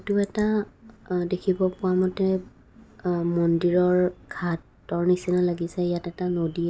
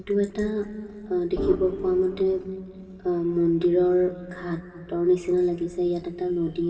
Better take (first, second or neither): first